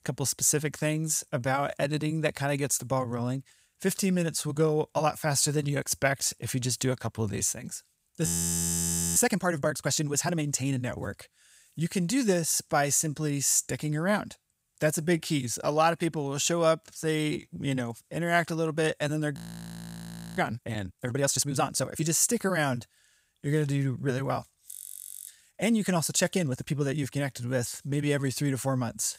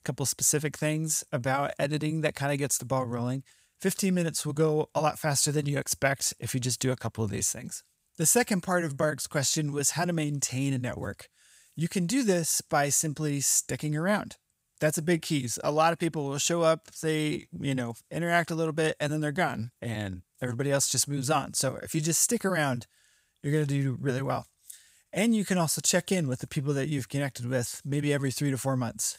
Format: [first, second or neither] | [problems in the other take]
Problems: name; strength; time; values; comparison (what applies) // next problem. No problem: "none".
second | audio freezing; at 8.5 s for 1 s, at 19 s for 1 s and at 25 s for 0.5 s